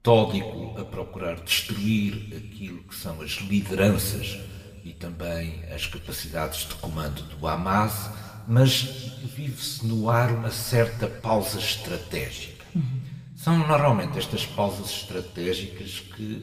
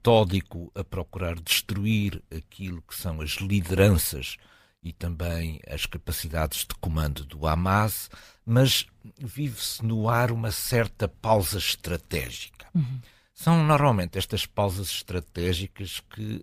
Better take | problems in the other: second | room echo; slight; dies away in 1.7 s

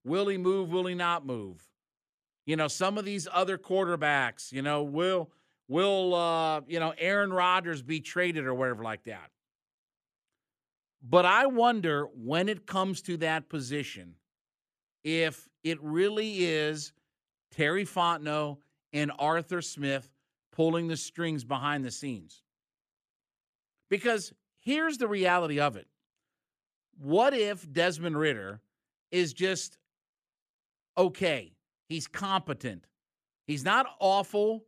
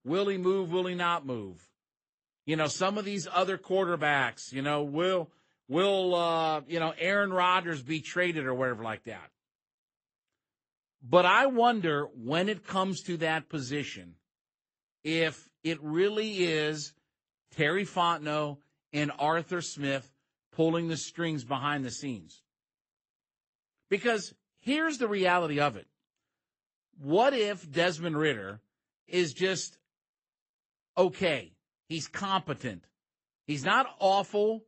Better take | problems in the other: first | garbled, watery; slightly; nothing above 8 kHz

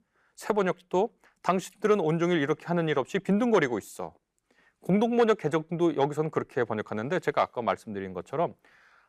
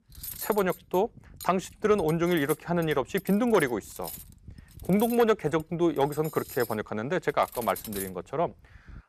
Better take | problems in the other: first | clattering dishes; noticeable; peak 8 dB below the speech

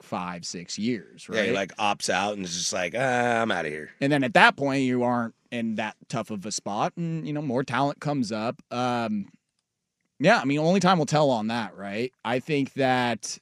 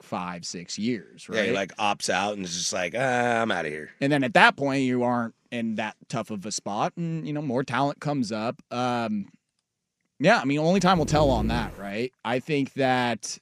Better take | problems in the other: first | dog barking; noticeable; at 11 s; peak 4 dB below the speech

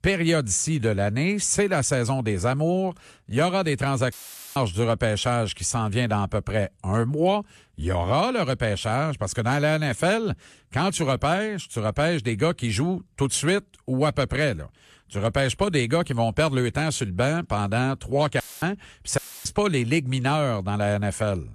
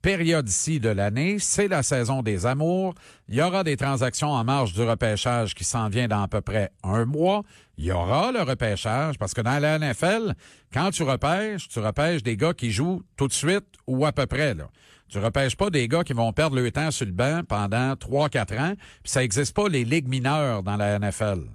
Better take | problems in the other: second | audio cutting out; filled with static; at 4 s, at 18 s and at 19 s

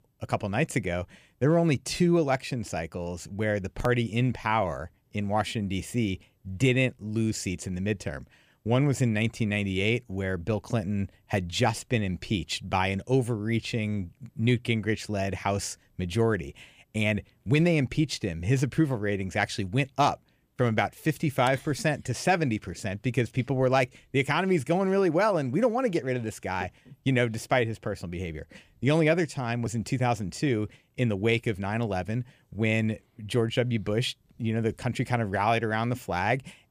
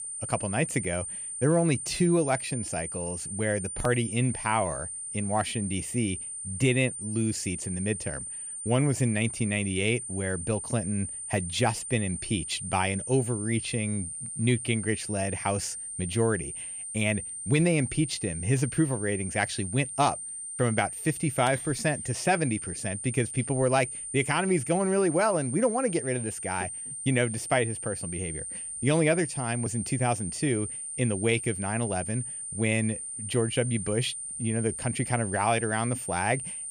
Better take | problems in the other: first | high-pitched whine; loud; throughout; 9 kHz, 6 dB below the speech

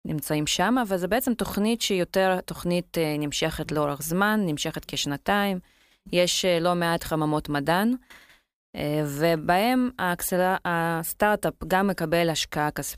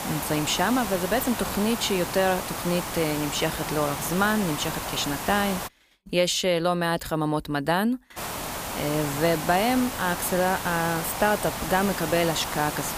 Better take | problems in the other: first | hiss; loud; until 5.5 s and from 8 s on; 6 dB below the speech

